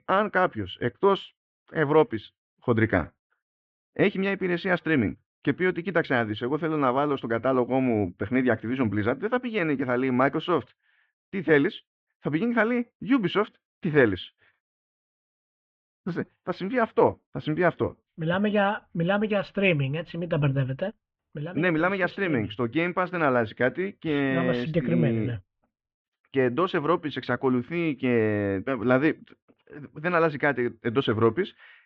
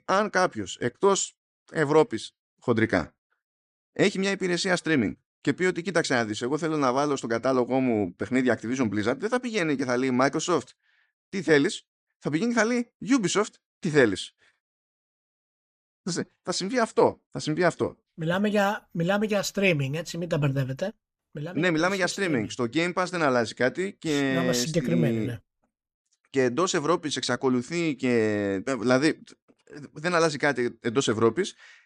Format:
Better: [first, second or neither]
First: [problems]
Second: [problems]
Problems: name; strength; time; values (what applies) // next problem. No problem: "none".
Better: second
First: muffled; very; fading above 3 kHz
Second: none